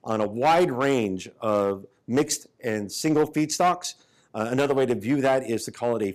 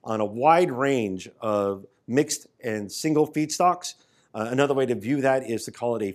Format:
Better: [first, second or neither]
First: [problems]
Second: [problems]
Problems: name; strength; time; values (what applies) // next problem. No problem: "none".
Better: second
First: distortion; slight; 4% of the sound clipped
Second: none